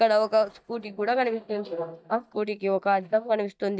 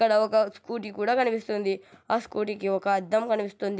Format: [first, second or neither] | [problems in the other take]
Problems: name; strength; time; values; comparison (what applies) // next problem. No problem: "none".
second | noise reduction (neural mask model DeepFilterNet 3)